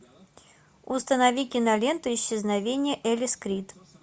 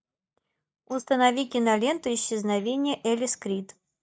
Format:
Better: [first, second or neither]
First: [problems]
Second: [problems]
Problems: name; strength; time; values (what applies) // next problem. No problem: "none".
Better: first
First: none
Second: noise reduction (neural mask model DeepFilterNet 3)